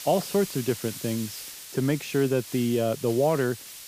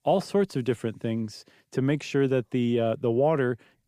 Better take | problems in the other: second | hiss; noticeable; throughout; 10 dB below the speech

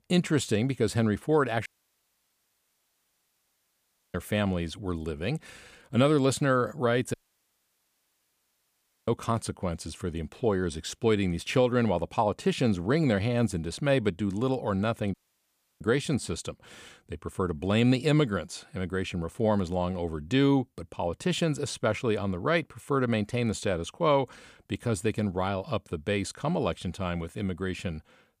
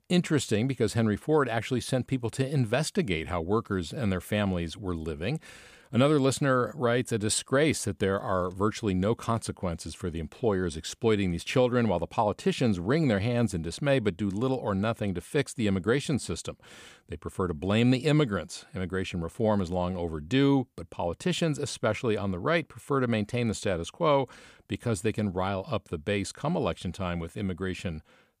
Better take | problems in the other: second | audio cutting out; at 1.5 s for 2.5 s, at 7 s for 2 s and at 15 s for 0.5 s

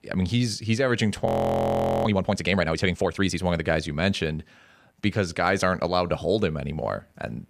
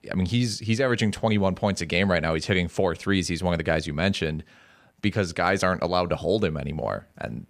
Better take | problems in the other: second | audio freezing; at 1.5 s for 1 s

